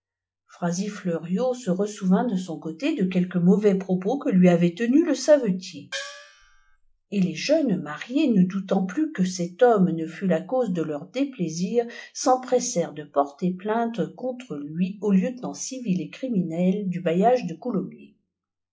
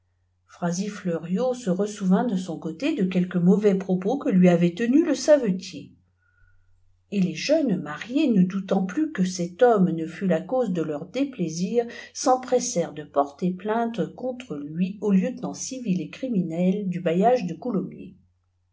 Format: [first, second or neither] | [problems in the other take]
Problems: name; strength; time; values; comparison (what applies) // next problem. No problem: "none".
second | noise reduction (classical method log-MMSE)